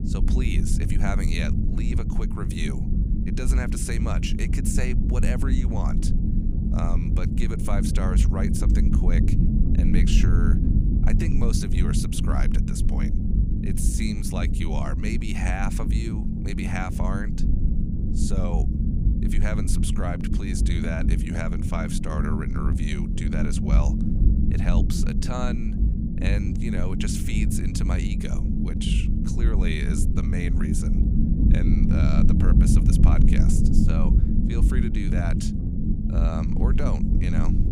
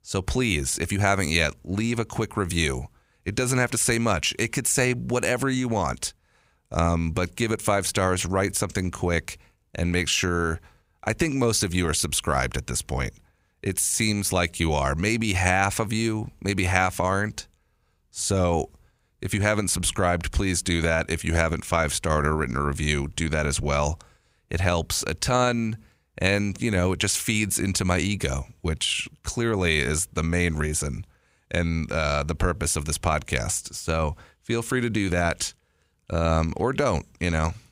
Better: second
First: low rumble; loud; throughout; 1 dB below the speech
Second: none

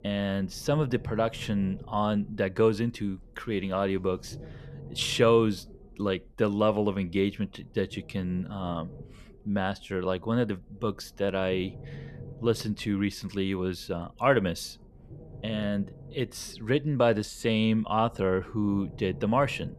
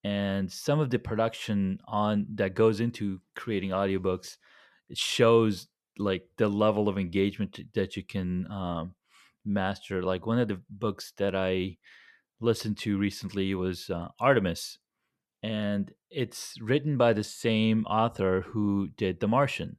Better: second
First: low rumble; faint; throughout; 25 dB below the speech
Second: none

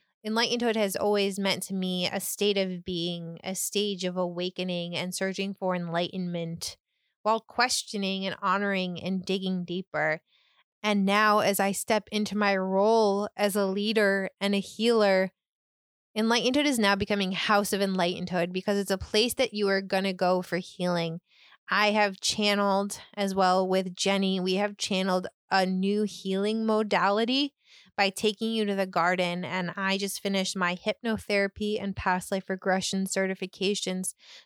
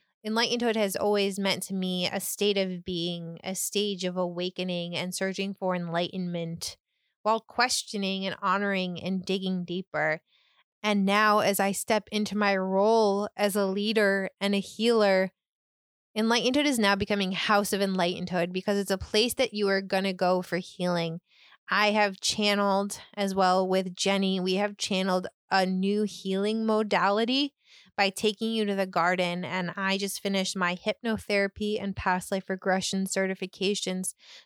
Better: neither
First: none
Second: none

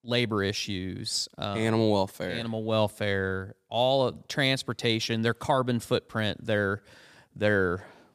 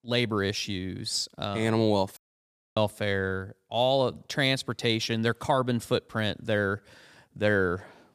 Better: first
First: none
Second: audio cutting out; at 2 s for 0.5 s

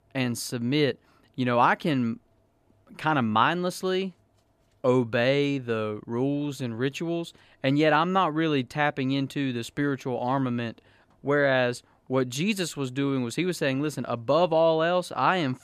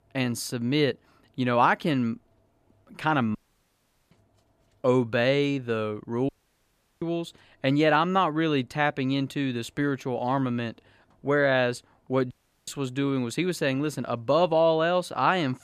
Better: first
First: none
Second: audio cutting out; at 3.5 s for 1 s, at 6.5 s for 0.5 s and at 12 s

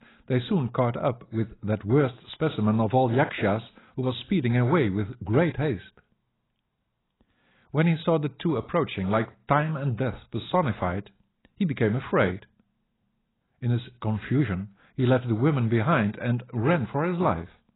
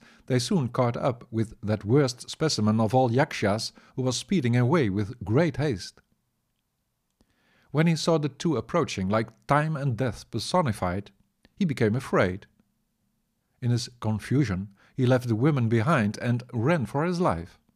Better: second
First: garbled, watery; badly; nothing above 4 kHz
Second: none

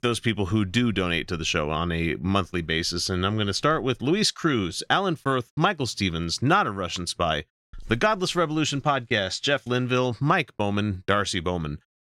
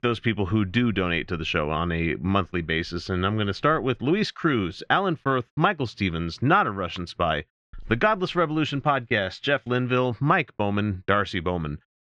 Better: first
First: none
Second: muffled; slightly; fading above 2.5 kHz

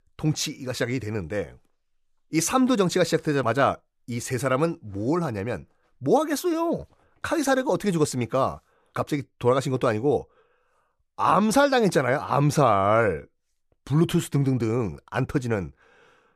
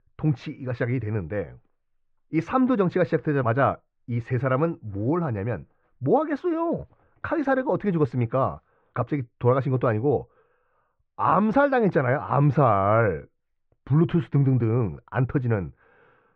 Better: first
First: none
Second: muffled; very; fading above 2 kHz

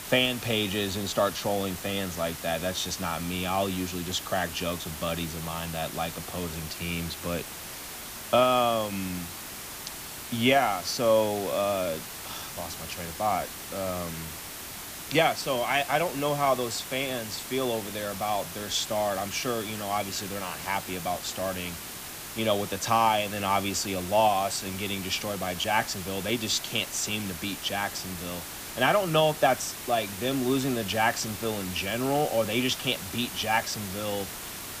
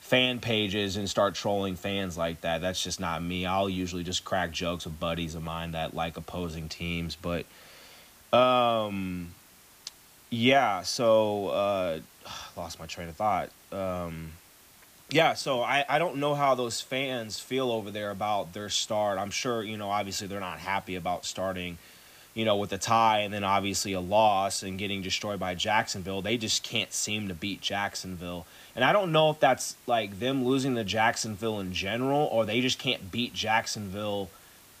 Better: second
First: hiss; loud; throughout; 9 dB below the speech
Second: hiss; faint; throughout; 25 dB below the speech

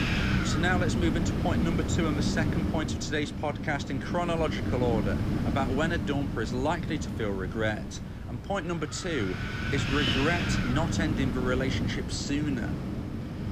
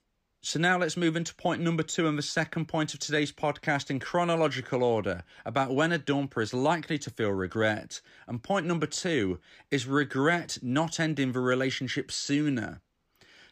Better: second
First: wind noise on the microphone; heavy; 3 dB below the speech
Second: none

